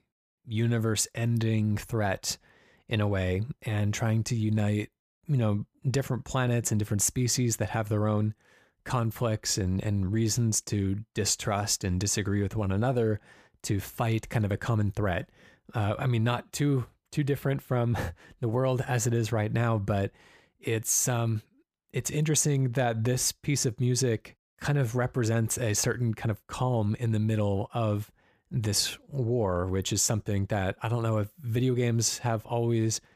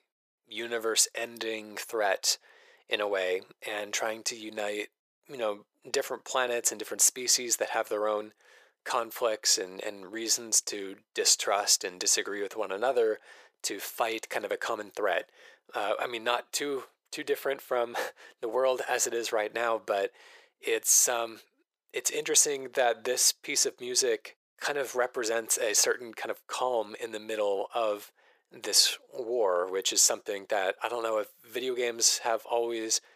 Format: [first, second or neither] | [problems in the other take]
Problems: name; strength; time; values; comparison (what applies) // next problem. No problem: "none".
first | thin; very; fading below 450 Hz